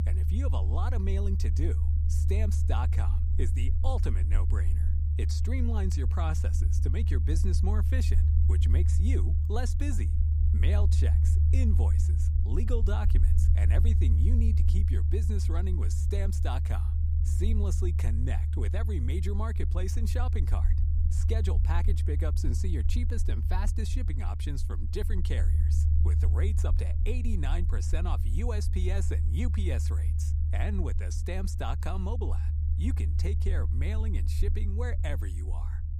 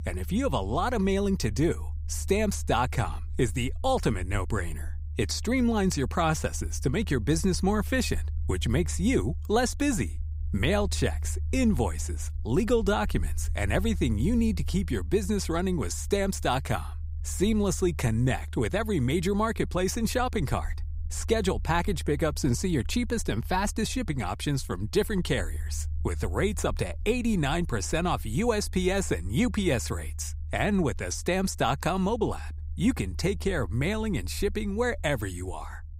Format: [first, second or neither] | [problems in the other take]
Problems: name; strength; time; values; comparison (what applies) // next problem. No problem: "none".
second | low rumble; loud; throughout; 4 dB below the speech; faint in the second